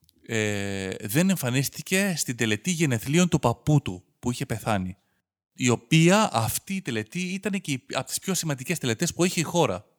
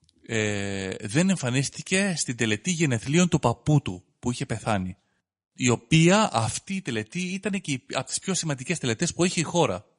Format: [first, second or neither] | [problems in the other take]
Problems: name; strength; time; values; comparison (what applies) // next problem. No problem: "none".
first | garbled, watery; slightly; nothing above 10.5 kHz